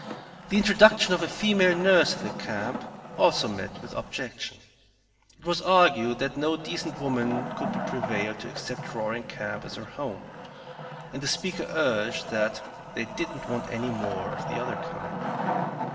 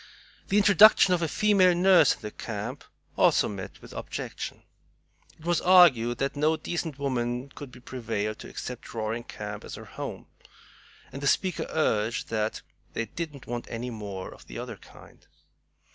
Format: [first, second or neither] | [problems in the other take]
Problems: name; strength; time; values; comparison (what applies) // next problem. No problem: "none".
second | background sound (Wood); 8 dB below the speech // room echo; dies away in 1.4 s